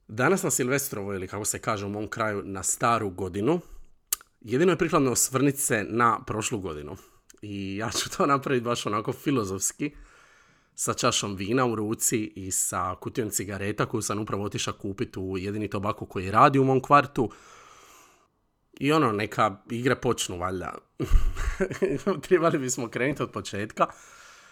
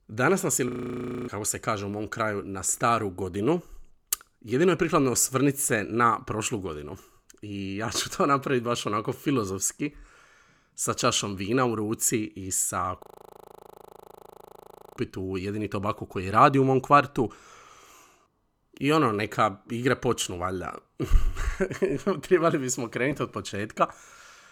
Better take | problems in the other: first | audio freezing; at 0.5 s for 0.5 s and at 13 s for 2 s

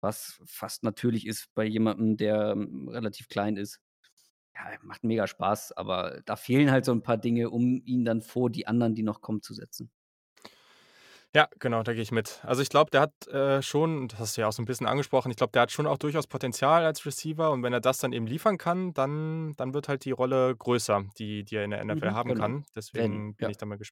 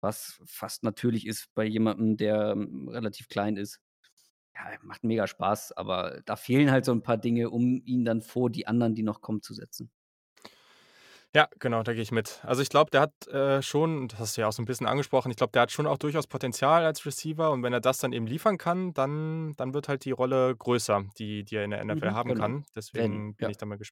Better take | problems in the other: neither | none

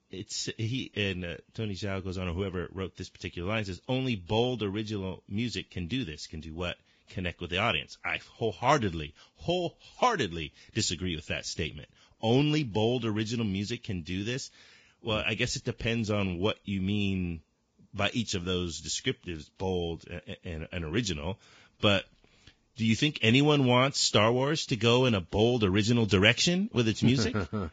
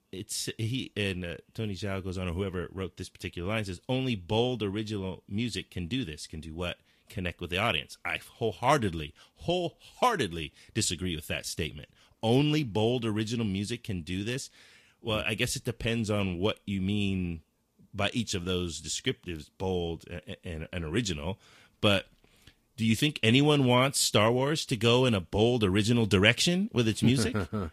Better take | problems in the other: second | garbled, watery; badly; nothing above 7.5 kHz; slightly in the second

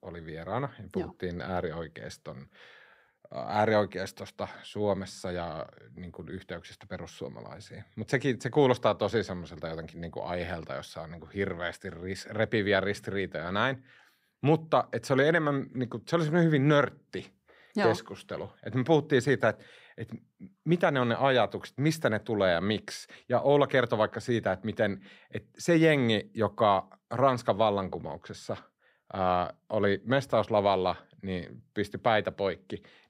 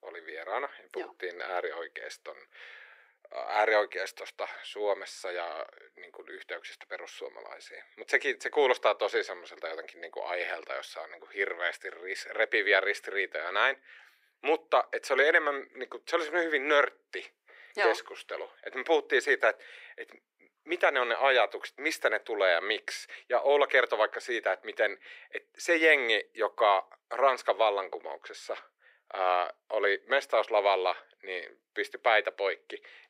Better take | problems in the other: first | thin; very; fading below 350 Hz

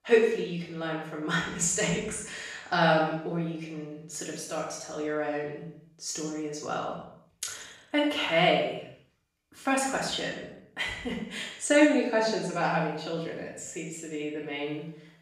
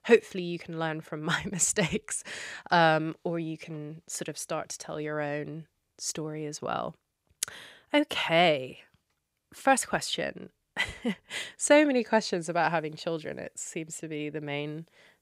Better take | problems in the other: second | room echo; noticeable; dies away in 0.7 s // off-mic speech; far

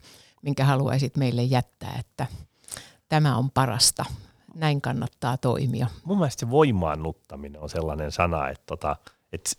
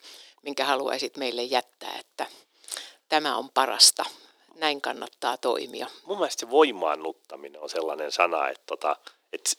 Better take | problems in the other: first | thin; very; fading below 300 Hz

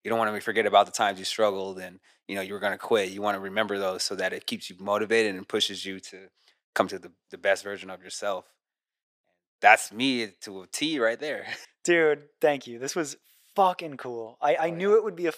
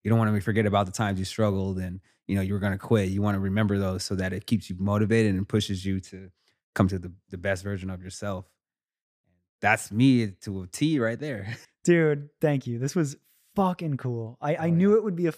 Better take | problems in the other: second | thin; very; fading below 500 Hz

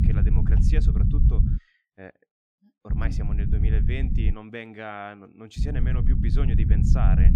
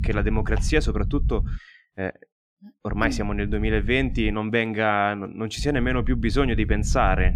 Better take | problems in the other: second | low rumble; loud; until 1.5 s, from 3 to 4.5 s and from 5.5 s on; as loud as the speech; faint in the second

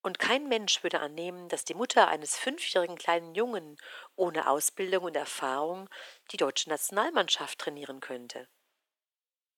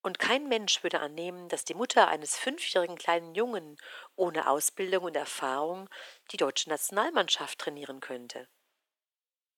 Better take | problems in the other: neither | thin; somewhat; fading below 400 Hz; the same in both

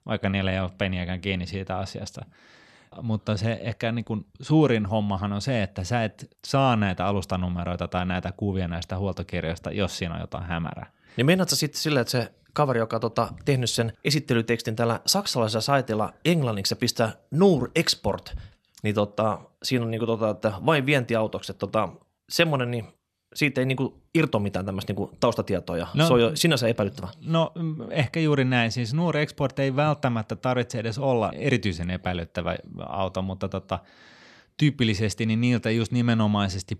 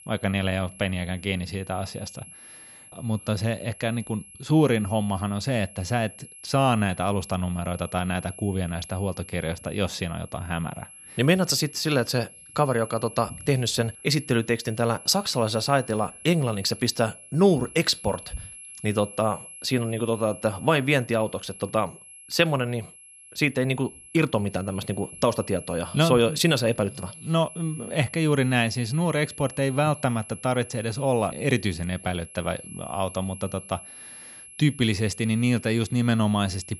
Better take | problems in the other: first | high-pitched whine; noticeable; throughout; 11 kHz, 15 dB below the speech

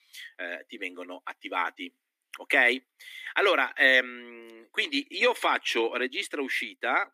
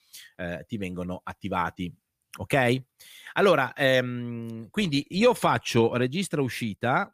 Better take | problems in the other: second | thin; somewhat; fading below 250 Hz

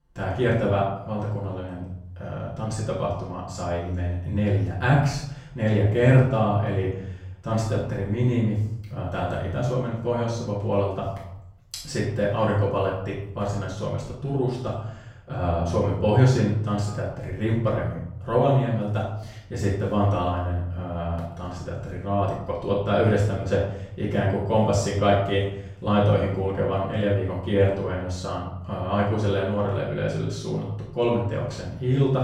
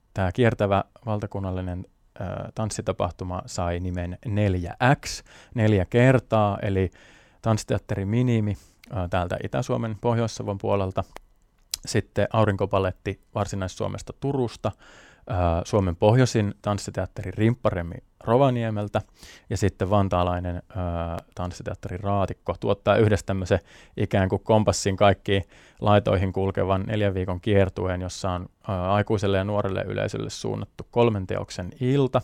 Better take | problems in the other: second | off-mic speech; far // room echo; noticeable; dies away in 0.8 s

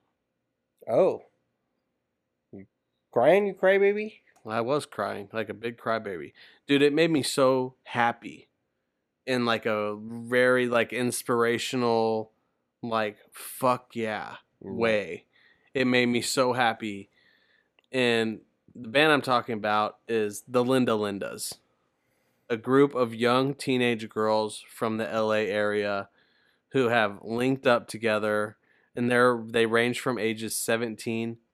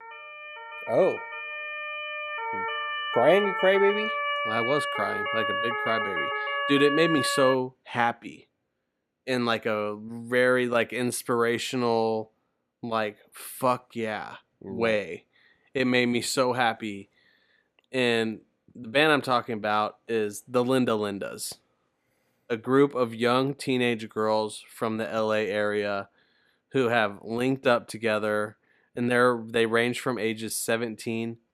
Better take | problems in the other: first | siren; noticeable; until 7.5 s; peak 1 dB below the speech

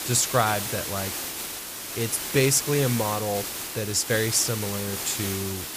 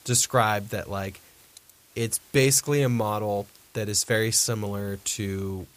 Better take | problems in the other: second | hiss; loud; throughout; 5 dB below the speech; faint in the second

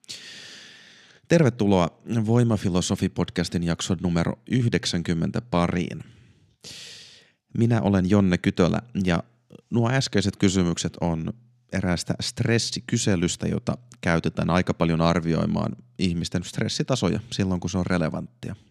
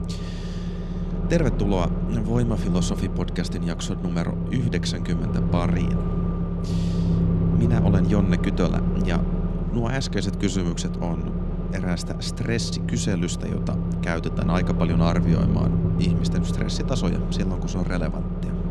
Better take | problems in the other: first | low rumble; loud; throughout; 3 dB below the speech

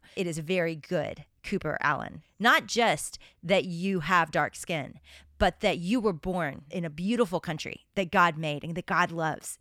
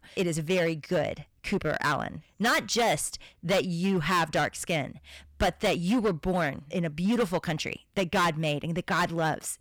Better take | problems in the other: first | distortion; heavy; 10% of the sound clipped

